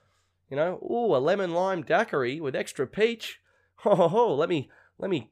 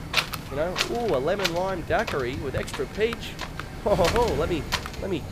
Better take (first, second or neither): first